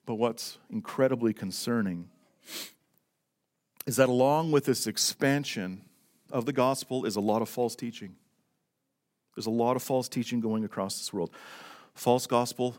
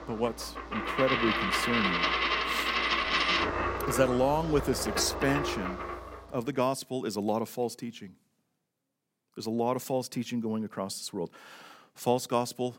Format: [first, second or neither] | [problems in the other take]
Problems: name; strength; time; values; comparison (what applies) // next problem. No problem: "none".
first | household noises; very loud; until 6 s; 2 dB above the speech